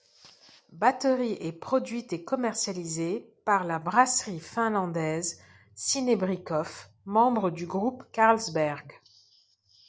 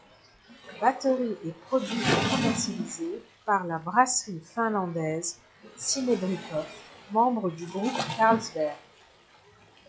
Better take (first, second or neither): first